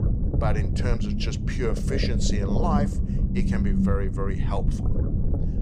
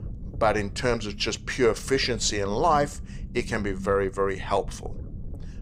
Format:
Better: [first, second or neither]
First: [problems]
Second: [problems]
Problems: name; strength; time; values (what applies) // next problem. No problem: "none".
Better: second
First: low rumble; loud; throughout; 3 dB below the speech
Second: low rumble; faint; throughout; 25 dB below the speech